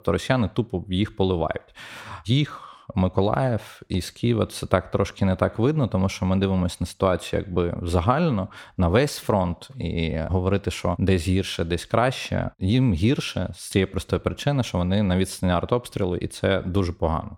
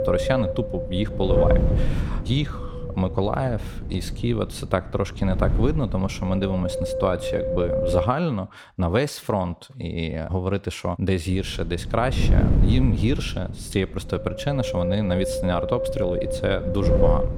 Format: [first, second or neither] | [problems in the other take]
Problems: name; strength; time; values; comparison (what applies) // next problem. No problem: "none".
first | wind noise on the microphone; heavy; until 8 s and from 11 s on; as loud as the speech